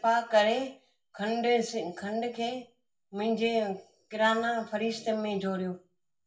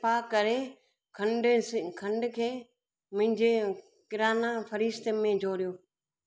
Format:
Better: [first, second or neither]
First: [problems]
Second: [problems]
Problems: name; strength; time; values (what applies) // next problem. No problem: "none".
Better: second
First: room echo; dies away in 0.2 s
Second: none